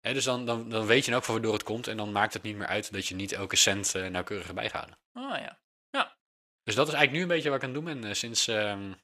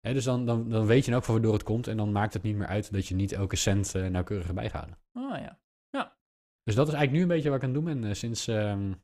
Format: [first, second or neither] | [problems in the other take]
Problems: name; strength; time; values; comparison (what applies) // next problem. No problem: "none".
second | thin; somewhat; fading below 900 Hz